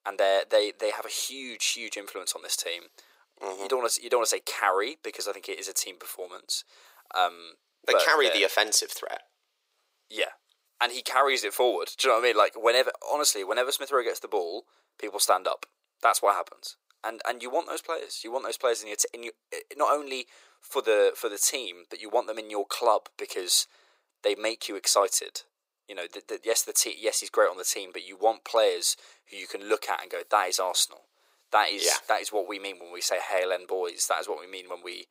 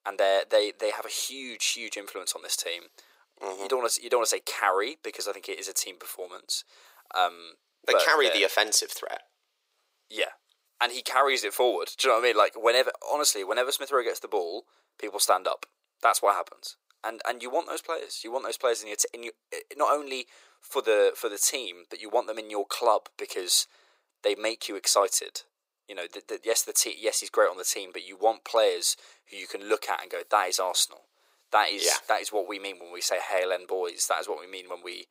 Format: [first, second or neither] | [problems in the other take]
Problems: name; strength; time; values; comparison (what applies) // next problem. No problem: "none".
neither | thin; very; fading below 400 Hz; the same in both